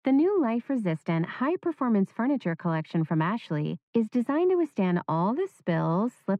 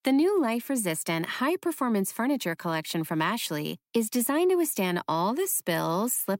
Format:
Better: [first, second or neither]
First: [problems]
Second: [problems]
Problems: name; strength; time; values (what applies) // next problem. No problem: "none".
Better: second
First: muffled; very; fading above 2 kHz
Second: none